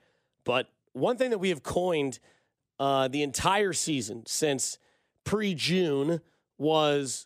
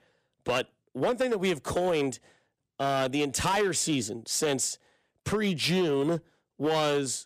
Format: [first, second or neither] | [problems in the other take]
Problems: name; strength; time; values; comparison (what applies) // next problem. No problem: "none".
first | distortion; slight; 8% of the sound clipped